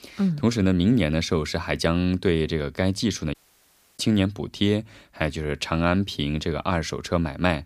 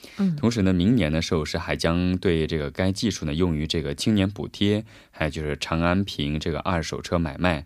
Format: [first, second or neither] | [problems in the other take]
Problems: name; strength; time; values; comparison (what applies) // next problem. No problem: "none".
second | audio cutting out; at 3.5 s for 0.5 s